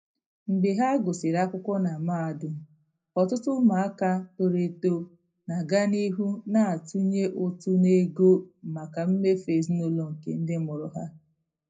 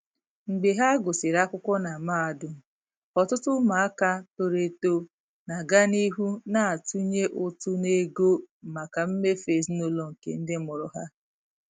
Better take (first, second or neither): second